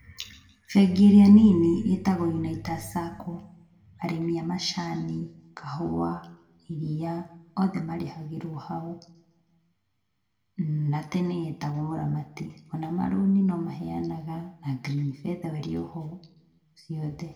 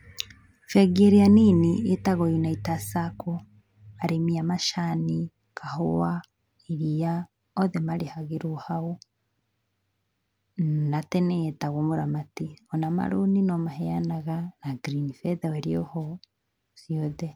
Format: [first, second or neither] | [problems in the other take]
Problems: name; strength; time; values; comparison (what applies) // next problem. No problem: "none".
second | room echo; dies away in 0.6 s